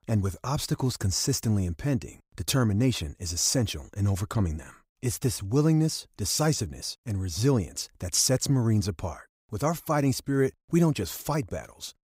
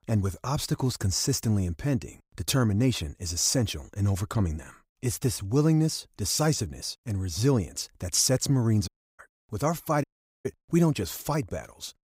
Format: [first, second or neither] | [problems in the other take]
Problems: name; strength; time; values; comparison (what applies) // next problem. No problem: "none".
first | audio cutting out; at 9 s and at 10 s